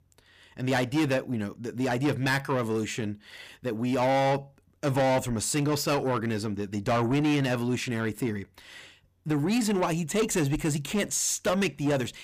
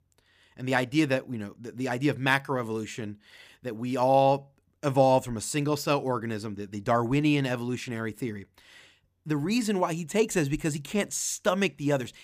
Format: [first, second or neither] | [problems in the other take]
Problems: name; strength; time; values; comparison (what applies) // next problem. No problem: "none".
second | distortion; heavy; 7 dB below the speech